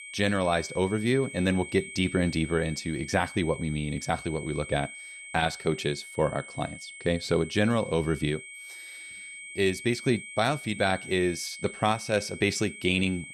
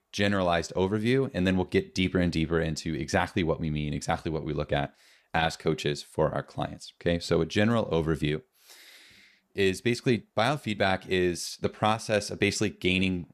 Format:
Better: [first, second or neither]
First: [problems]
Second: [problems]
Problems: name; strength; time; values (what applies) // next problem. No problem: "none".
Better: second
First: high-pitched whine; noticeable; throughout; 2 kHz, 15 dB below the speech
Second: none